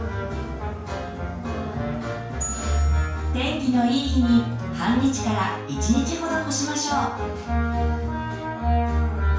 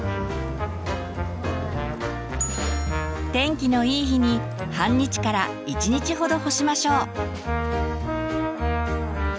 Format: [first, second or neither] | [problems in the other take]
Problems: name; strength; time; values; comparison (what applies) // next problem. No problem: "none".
second | room echo; dies away in 0.5 s